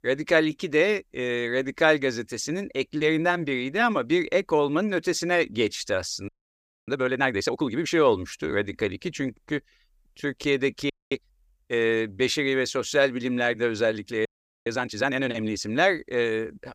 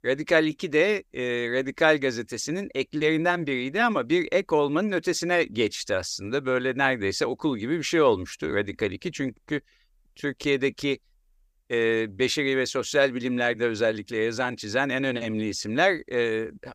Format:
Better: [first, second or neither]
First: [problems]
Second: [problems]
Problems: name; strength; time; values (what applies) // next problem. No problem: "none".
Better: second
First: audio freezing; at 6.5 s for 0.5 s, at 11 s and at 14 s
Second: none